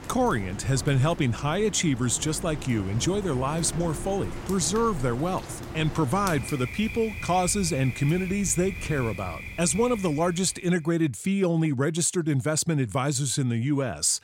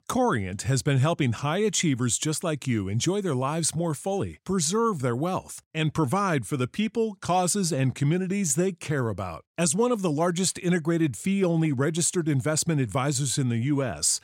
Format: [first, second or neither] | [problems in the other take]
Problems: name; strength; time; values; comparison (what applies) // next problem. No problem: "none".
second | rain or running water; noticeable; until 10 s; 10 dB below the speech